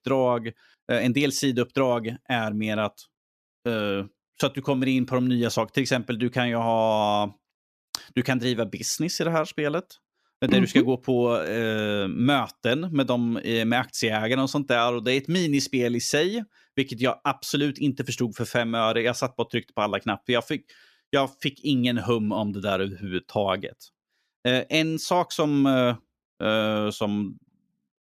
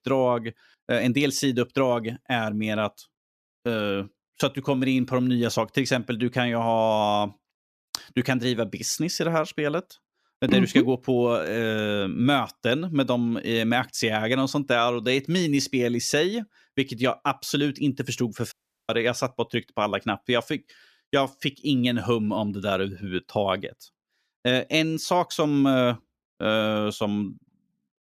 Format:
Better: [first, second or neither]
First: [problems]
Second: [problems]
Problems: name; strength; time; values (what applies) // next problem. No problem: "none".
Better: first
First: none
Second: audio cutting out; at 19 s